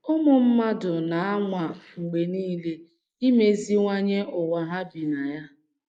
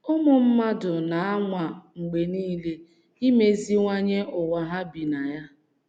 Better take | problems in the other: second | noise reduction (neural mask model Resemble Enhance denoiser)

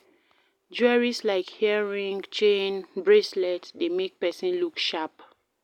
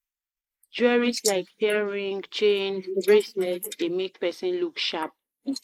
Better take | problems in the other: first | noise reduction (neural mask model Resemble Enhance denoiser)

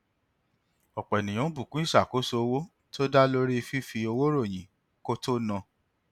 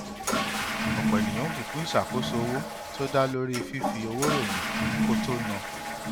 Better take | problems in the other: first | background sound (Toilet flush / Water); 2 dB above the speech

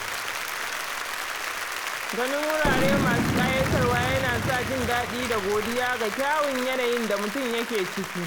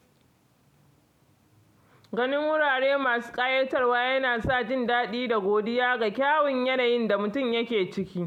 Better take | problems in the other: second | background sound (Applause + Boom); 1 dB below the speech

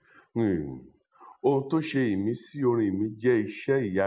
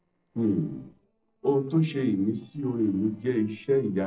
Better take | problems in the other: first | noise reduction (neural separator model SepFormer DNS4)

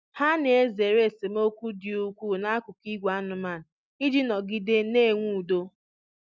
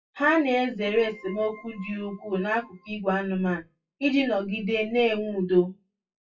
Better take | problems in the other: first | noise reduction (classical method WPE with log-MMSE)

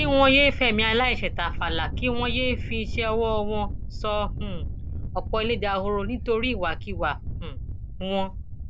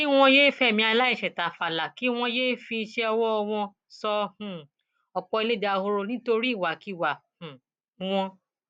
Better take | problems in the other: second | background sound (Thunder); 4 dB below the speech

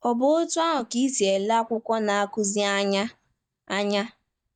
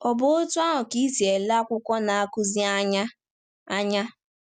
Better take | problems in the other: second | noise reduction (neural mask model DeepFilterNet 3)

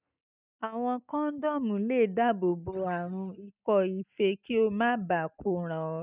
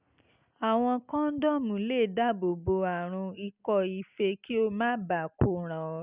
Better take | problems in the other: second | noise reduction (neural mask model DeepFilterNet 3)

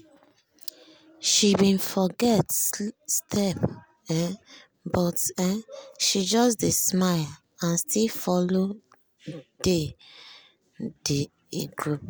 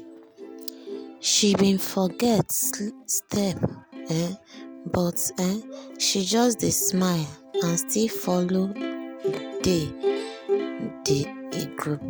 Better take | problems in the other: first | background sound (Plucked string instrument); 8 dB below the speech

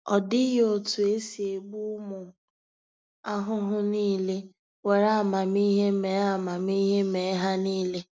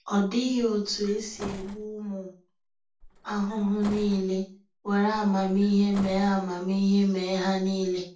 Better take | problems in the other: first | background sound (Bus); 17 dB below the speech // room echo; dies away in 0.3 s

